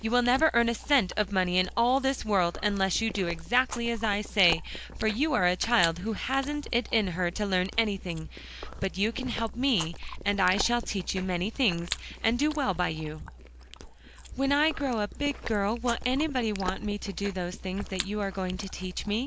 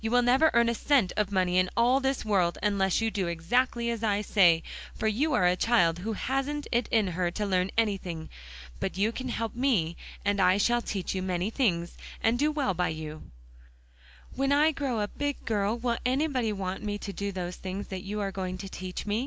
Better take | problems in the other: second | background sound (Chewing, mastication); 13 dB below the speech

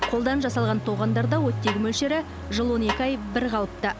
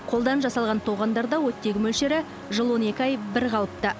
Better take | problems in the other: second | background sound (Snare drum + Engine starting / Car); 5 dB below the speech

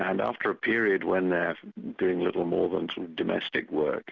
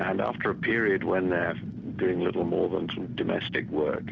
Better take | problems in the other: first | background sound (Fire); 9 dB below the speech

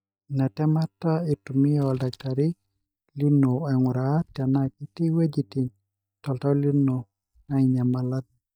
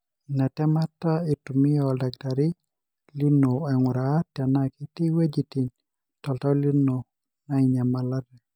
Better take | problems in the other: second | noise reduction (neural mask model DeepFilterNet 3)

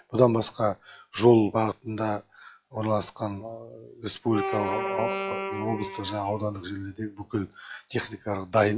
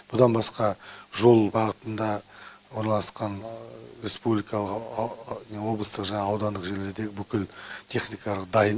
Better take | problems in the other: second | noise reduction (classical method log-MMSE)

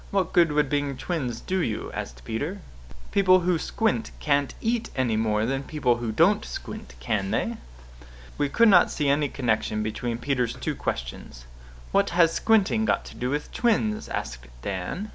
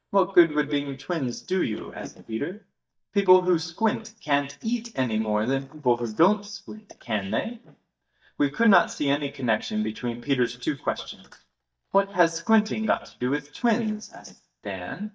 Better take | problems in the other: first | noise reduction (neural mask model DeepFilterNet 3)

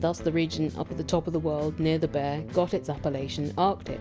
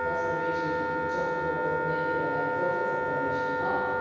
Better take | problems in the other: first | background sound (Wind instrument, woodwind instrument); 4 dB above the speech // room echo; dies away in 2.2 s

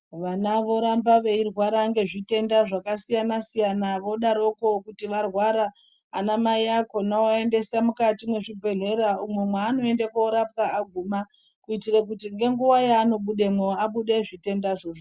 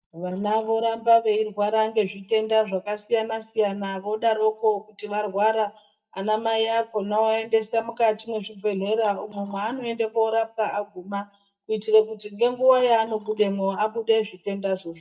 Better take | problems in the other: first | noise reduction (neural mask model DeepFilterNet 3)

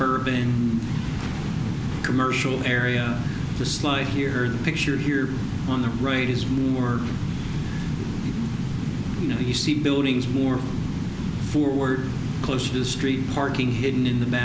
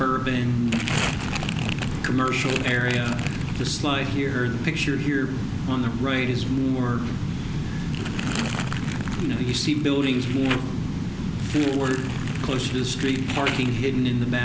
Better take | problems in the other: first | background sound (Crumpling, crinkling); 12 dB below the speech

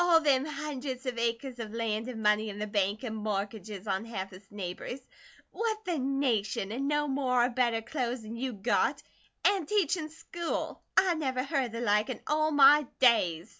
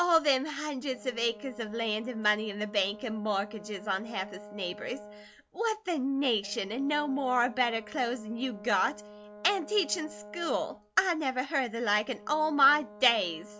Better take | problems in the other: first | background sound (Brass instrument); 18 dB below the speech

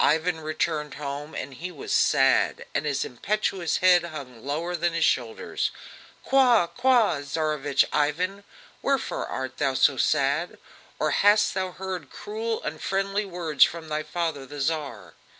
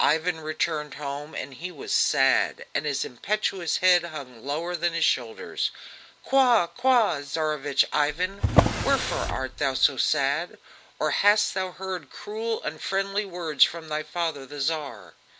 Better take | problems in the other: first | background sound (Drawer open or close); 1 dB above the speech

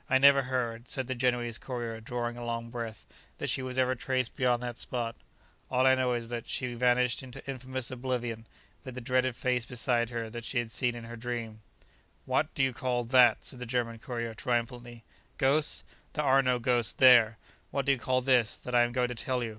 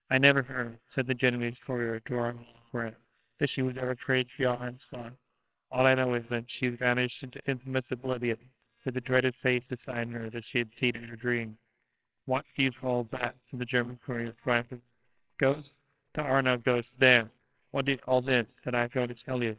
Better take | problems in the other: first | noise reduction (neural separator model SepFormer WHAMR!)

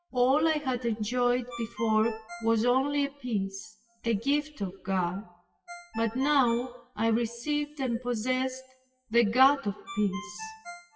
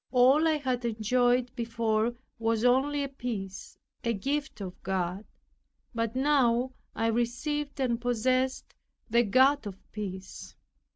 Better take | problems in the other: second | noise reduction (classical method WPE with log-MMSE)

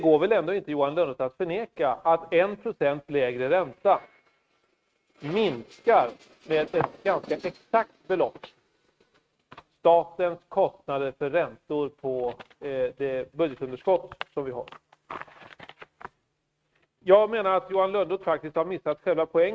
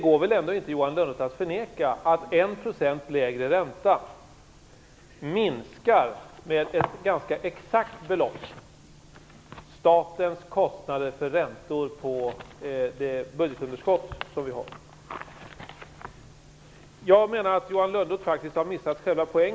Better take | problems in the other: second | noise reduction (neural mask model RNNoise)

